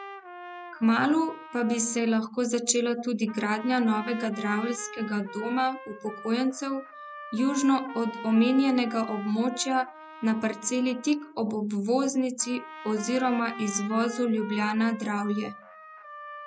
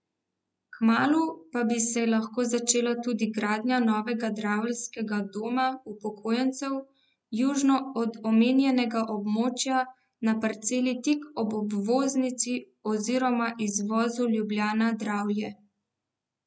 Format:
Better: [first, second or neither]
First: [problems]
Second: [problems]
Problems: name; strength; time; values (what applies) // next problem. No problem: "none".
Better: second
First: background sound (Trumpet); 15 dB below the speech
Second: none